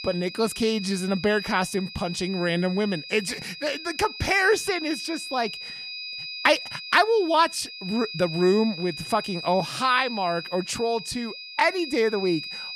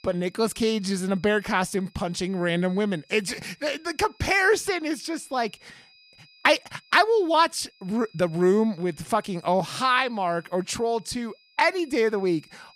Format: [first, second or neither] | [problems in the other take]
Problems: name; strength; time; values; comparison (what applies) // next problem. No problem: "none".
second | high-pitched whine; loud; throughout; 2.5 kHz, 10 dB below the speech; faint in the second